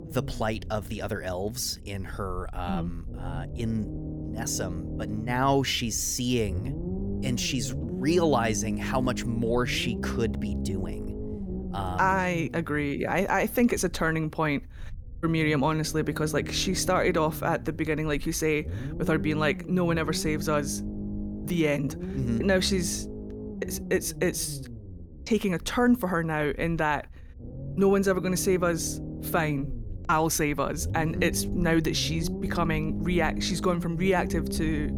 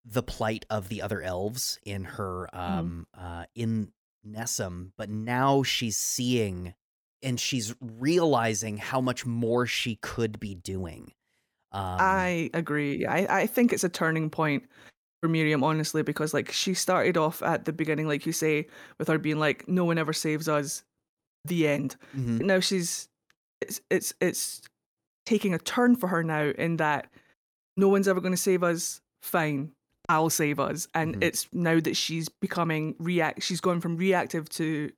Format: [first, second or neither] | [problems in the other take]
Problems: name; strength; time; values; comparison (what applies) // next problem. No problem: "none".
second | low rumble; noticeable; throughout; 15 dB below the speech